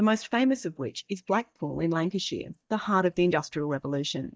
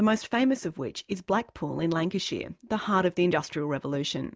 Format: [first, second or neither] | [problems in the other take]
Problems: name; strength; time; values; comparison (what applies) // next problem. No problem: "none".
second | noise reduction (neural mask model DeepFilterNet 3)